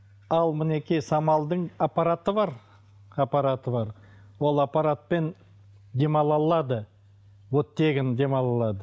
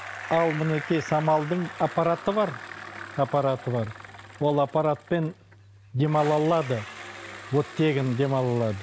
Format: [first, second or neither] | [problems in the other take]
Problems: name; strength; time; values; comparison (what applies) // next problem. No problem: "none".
first | background sound (Bicycle); 14 dB below the speech